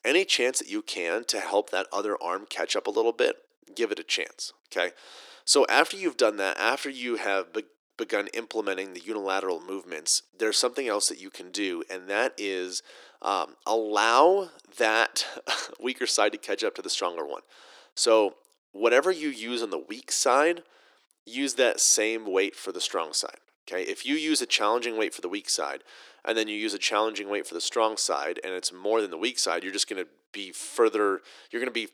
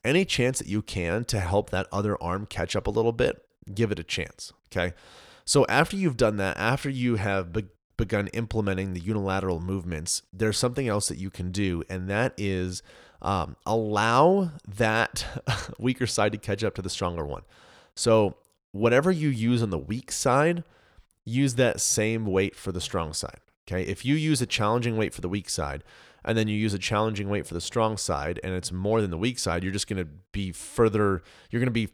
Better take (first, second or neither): second